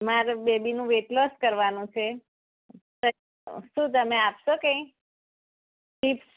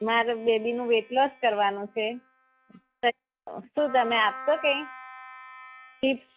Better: first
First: none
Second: noise reduction (classical method log-MMSE)

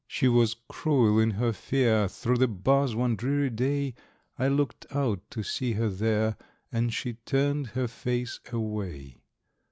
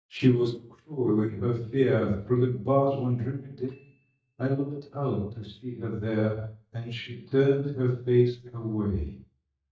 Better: first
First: none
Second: noise reduction (neural mask model DeepFilterNet 3)

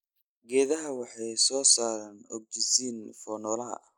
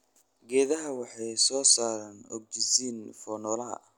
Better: second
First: noise reduction (neural mask model Resemble Enhance denoiser)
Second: none

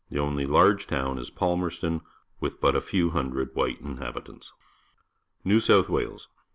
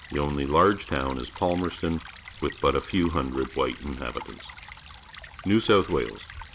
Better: first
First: none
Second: background sound (Stream / Trickle, dribble); 17 dB below the speech

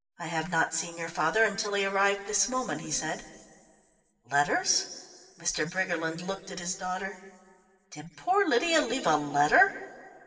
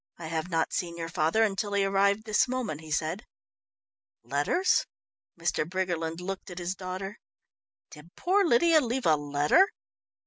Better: second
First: room echo; dies away in 1.9 s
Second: none

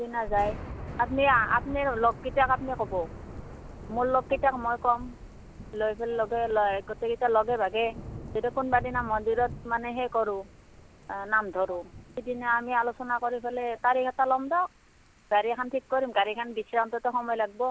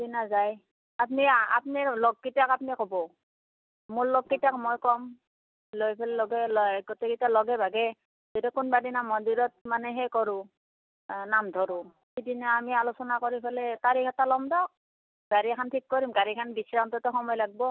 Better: second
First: background sound (Thunder / Rain); 15 dB below the speech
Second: none

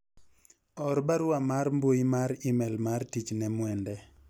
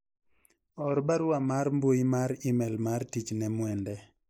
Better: first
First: none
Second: noise reduction (neural mask model Resemble Enhance denoiser)

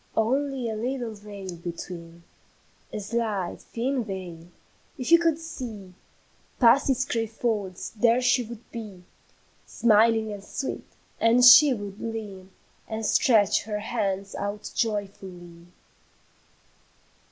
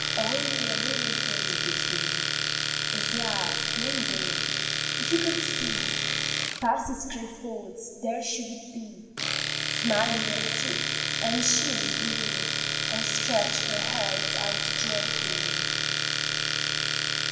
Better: first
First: none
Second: background sound (Domestic sounds, home sounds); 5 dB above the speech // room echo; dies away in 1.7 s

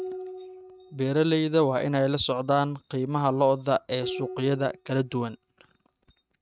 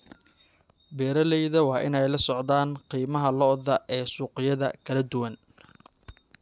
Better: second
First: noise reduction (neural mask model RNNoise)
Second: none

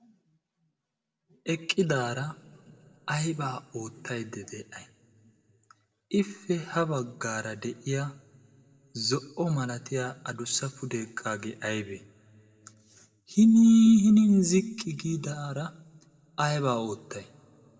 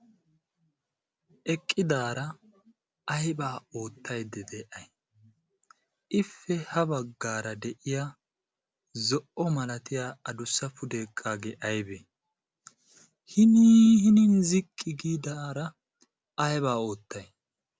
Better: second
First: room echo; dies away in 1.7 s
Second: none

